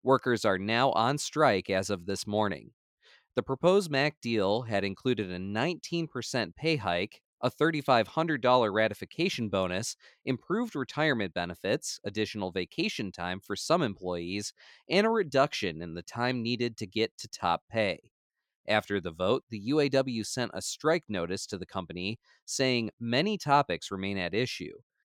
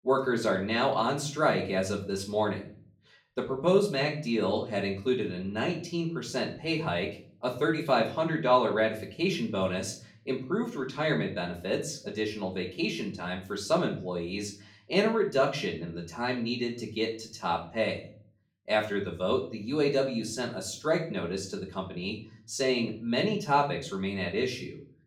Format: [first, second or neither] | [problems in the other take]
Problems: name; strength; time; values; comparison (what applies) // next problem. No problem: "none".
first | room echo; slight; dies away in 0.4 s // off-mic speech; far